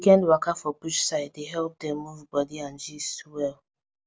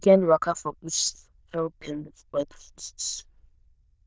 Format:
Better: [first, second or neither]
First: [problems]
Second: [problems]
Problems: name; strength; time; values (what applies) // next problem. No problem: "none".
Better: first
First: none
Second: noise reduction (neural diffusion model UNIVERSE++)